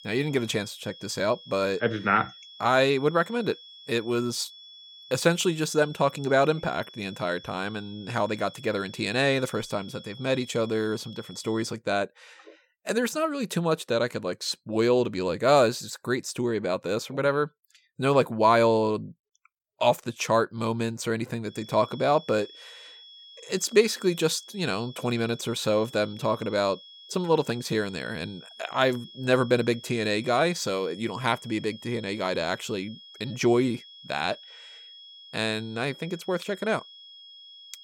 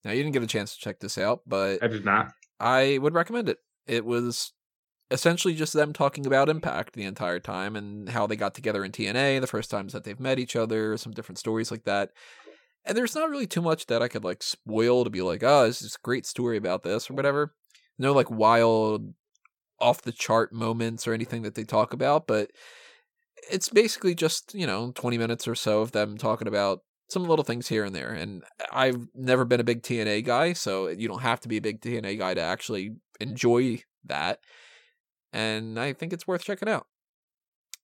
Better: second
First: high-pitched whine; noticeable; until 12 s and from 22 s on; 3.5 kHz, 20 dB below the speech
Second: none

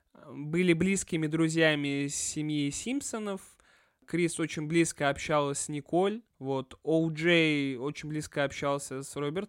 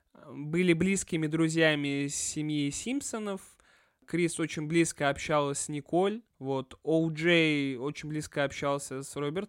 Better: neither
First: none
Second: none

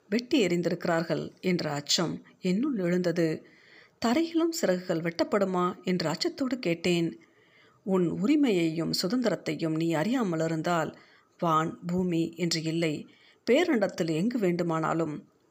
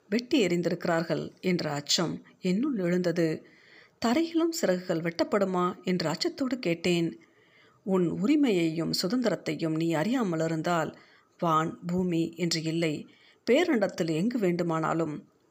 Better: neither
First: none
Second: none

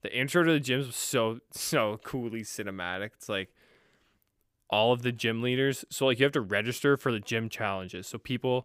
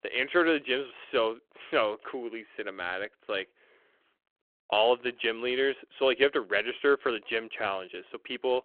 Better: first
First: none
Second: phone-call audio

